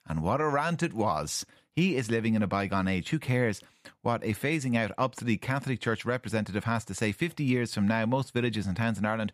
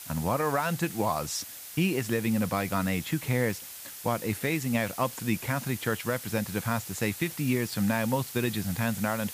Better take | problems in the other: first | hiss; loud; throughout; 10 dB below the speech

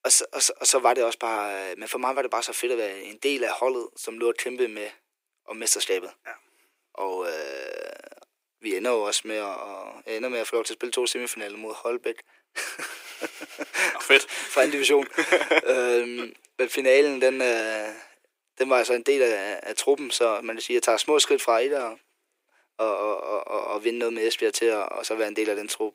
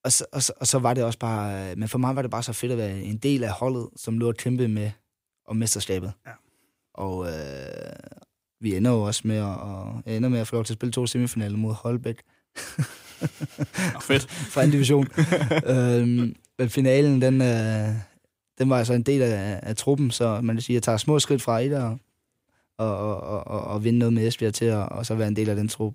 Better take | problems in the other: second | thin; very; fading below 350 Hz

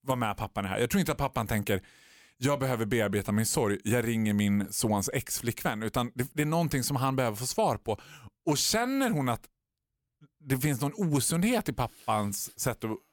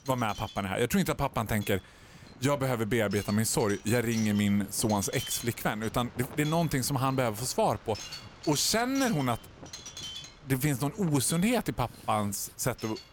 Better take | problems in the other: first | wind noise on the microphone; occasional gusts; 15 dB below the speech

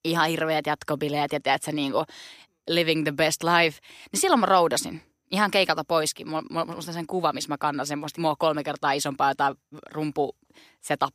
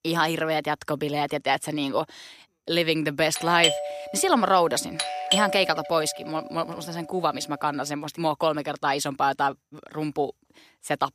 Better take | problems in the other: first | doorbell; loud; from 3.5 to 5.5 s; peak 2 dB above the speech

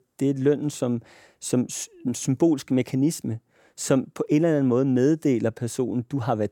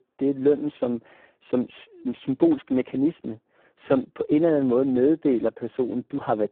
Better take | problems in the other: first | phone-call audio; poor line

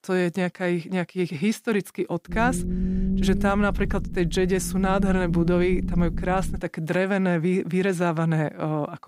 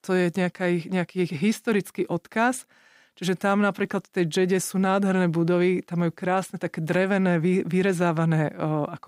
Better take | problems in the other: second | low rumble; noticeable; from 2.5 to 6.5 s; 10 dB below the speech

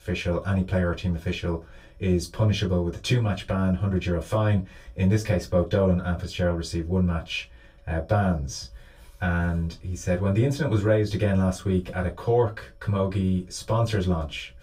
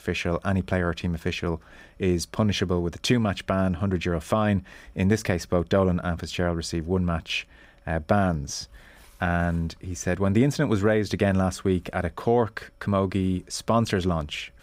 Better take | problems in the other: second | off-mic speech; far // room echo; very slight; dies away in 0.2 s

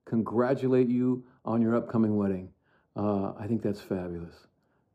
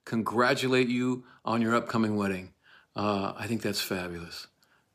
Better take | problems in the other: second | muffled; very; fading above 1.5 kHz

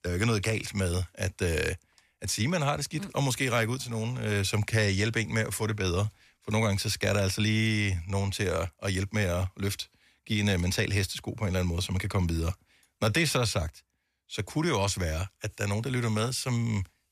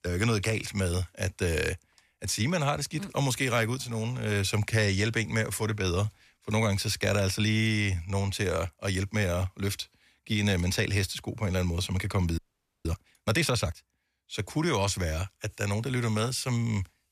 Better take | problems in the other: first | audio freezing; at 12 s

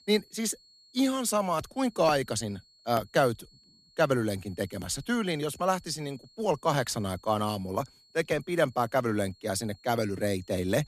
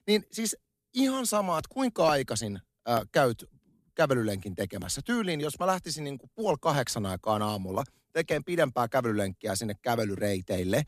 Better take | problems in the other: second | high-pitched whine; faint; throughout; 4.5 kHz, 30 dB below the speech

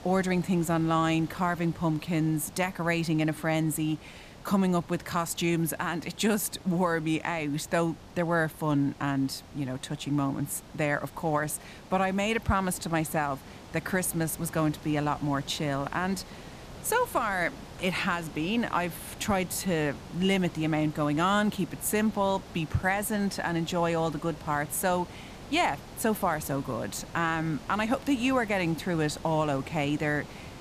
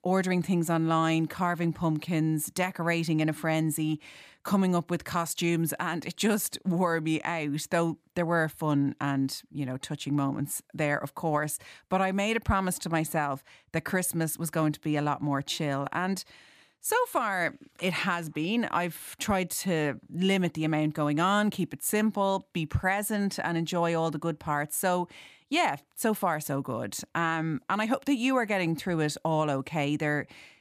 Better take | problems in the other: second | hiss; noticeable; throughout; 15 dB below the speech

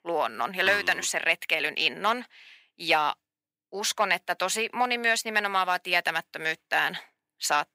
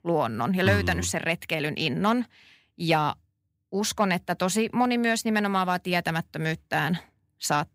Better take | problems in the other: second | thin; very; fading below 500 Hz

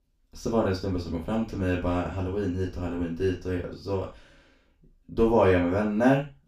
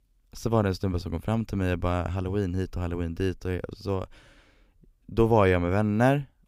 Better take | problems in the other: second | room echo; noticeable; dies away in 0.3 s // off-mic speech; far

